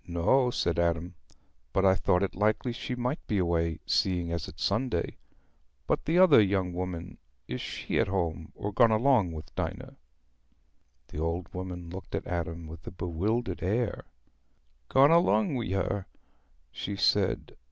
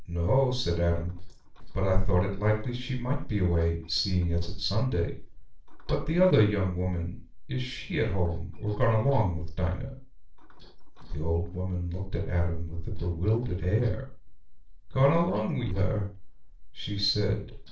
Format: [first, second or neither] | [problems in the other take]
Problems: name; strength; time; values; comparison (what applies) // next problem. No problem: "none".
first | noise reduction (neural separator model SepFormer DNS4)